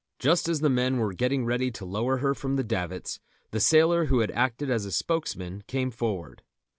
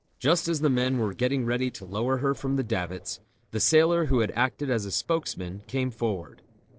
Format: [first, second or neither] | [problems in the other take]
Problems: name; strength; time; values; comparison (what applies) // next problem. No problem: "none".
first | noise reduction (neural separator model SepFormer DNS4)